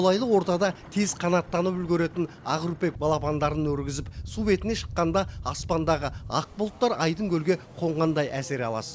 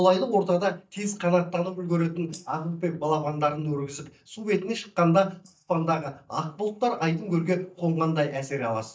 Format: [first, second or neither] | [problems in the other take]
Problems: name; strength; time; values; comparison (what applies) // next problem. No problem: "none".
first | noise reduction (neural mask model DeepFilterNet 3)